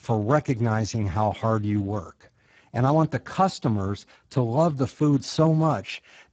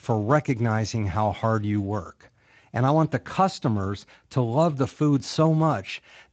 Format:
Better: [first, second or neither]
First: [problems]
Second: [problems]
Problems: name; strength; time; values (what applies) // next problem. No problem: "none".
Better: second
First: garbled, watery; badly; nothing above 7.5 kHz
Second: garbled, watery; slightly; nothing above 7.5 kHz